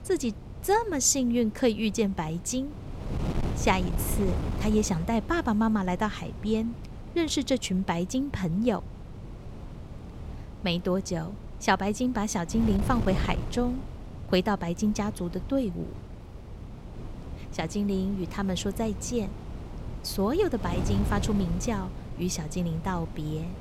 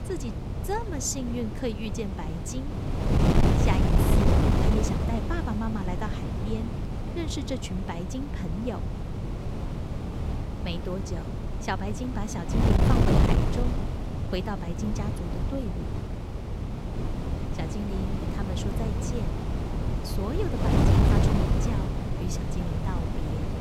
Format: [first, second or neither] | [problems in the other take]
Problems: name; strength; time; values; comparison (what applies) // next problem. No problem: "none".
first | wind noise on the microphone; heavy; 2 dB above the speech; occasional gusts in the first